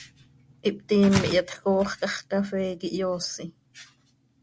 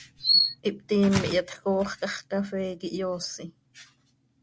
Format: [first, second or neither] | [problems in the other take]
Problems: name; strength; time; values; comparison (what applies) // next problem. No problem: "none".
first | background sound (Chirp, tweet); 1 dB above the speech